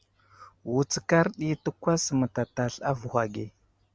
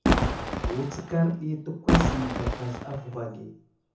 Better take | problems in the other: first | background sound (Fireworks); 4 dB above the speech // room echo; dies away in 0.5 s

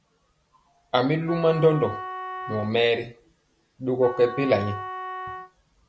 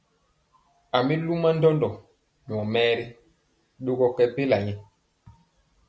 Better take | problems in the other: second | background sound (Wind instrument, woodwind instrument); 11 dB below the speech

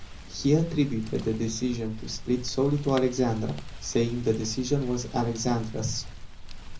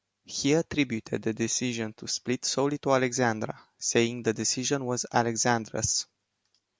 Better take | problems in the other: second | background sound (Rain); 11 dB below the speech // room echo; dies away in 0.4 s

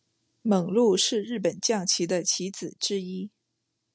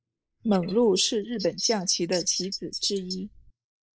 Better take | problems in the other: first | noise reduction (neural mask model Resemble Enhance denoiser)

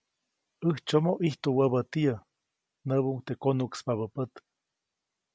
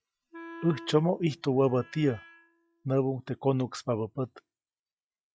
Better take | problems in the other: first | noise reduction (classical method log-MMSE)

